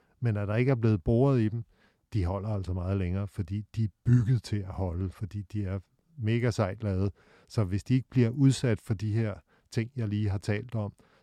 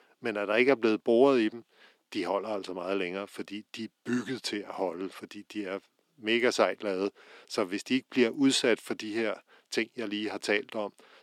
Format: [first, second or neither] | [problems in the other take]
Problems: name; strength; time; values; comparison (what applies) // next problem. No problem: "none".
first | thin; somewhat; fading below 300 Hz